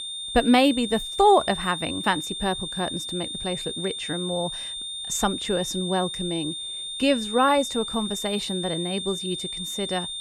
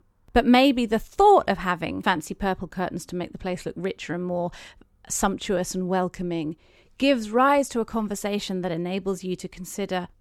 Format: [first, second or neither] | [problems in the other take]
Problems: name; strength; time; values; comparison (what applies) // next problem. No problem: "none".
second | high-pitched whine; loud; throughout; 3.5 kHz, 5 dB below the speech